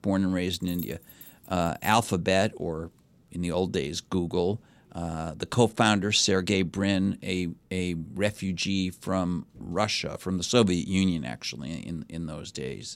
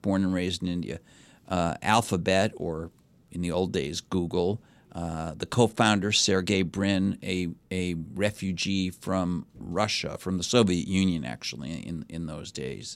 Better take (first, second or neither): second